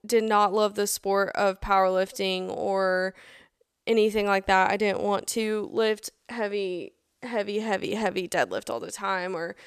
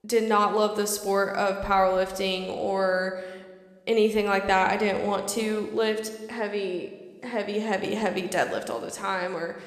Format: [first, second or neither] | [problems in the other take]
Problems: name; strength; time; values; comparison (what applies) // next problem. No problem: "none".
first | room echo; slight; dies away in 1.1 s